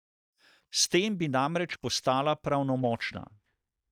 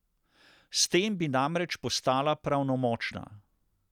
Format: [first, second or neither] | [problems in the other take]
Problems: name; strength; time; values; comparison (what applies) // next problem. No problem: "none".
second | noise reduction (neural mask model DeepFilterNet 3)